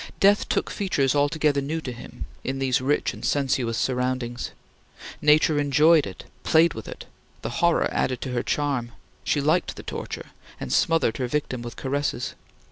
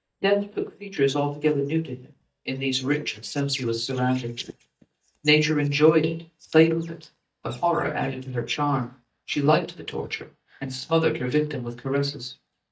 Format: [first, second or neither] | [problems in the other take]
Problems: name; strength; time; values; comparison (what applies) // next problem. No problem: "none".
first | noise reduction (neural mask model DeepFilterNet 3)